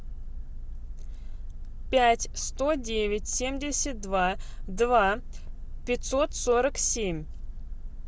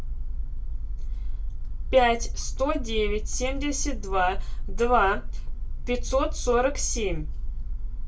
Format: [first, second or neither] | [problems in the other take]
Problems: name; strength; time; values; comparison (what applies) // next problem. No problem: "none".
first | room echo; dies away in 0.2 s